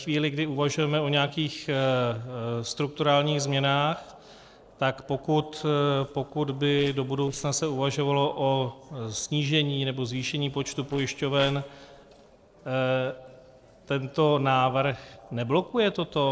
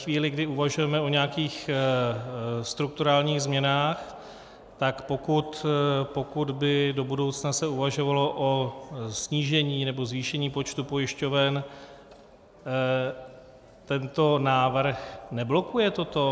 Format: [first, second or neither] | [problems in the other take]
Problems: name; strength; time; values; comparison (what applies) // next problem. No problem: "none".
second | noise reduction (neural separator model SepFormer DNS4)